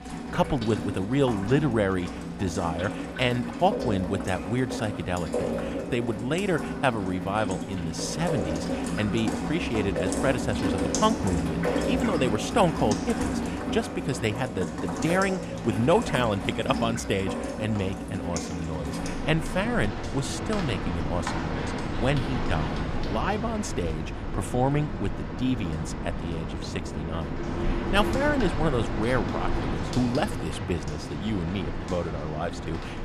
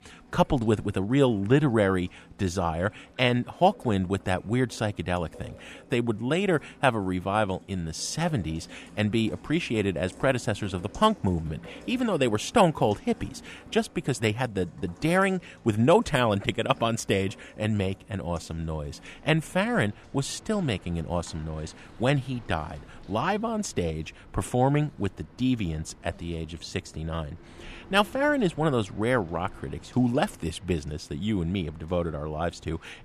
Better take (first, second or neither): second